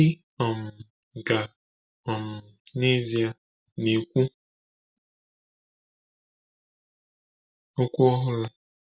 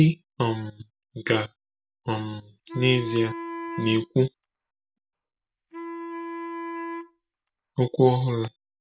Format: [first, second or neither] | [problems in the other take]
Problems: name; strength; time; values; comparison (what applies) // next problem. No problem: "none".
first | background sound (Wind instrument, woodwind instrument); 10 dB below the speech